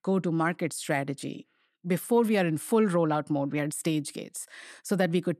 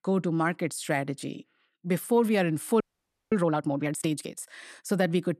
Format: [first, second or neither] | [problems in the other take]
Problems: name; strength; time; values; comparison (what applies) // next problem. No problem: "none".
first | audio freezing; at 3 s for 0.5 s